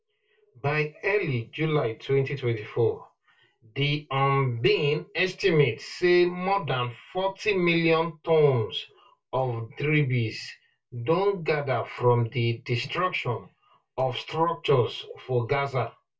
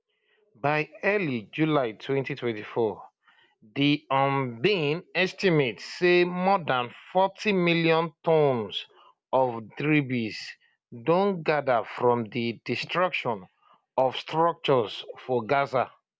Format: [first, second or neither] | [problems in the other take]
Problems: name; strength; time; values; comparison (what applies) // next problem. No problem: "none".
second | room echo; dies away in 0.2 s